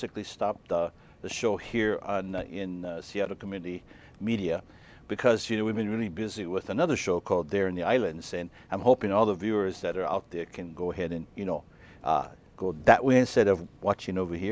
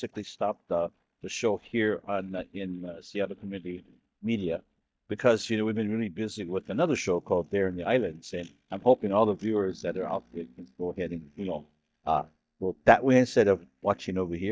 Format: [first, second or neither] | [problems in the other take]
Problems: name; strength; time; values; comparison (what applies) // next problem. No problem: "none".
first | noise reduction (neural mask model DeepFilterNet 3)